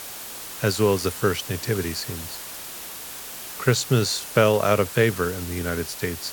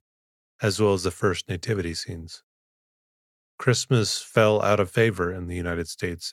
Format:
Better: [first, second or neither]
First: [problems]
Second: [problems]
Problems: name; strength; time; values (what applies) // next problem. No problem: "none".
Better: second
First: hiss; noticeable; throughout; 10 dB below the speech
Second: none